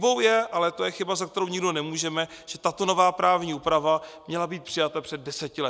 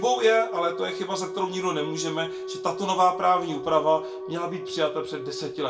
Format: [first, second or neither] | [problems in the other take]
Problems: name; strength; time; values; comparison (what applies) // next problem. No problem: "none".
first | background sound (Wind instrument, woodwind instrument); 9 dB below the speech // room echo; dies away in 0.3 s